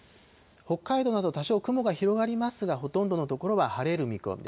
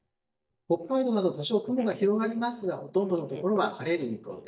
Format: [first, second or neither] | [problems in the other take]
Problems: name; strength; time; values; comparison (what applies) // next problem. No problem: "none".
first | noise reduction (neural mask model DeepFilterNet 3)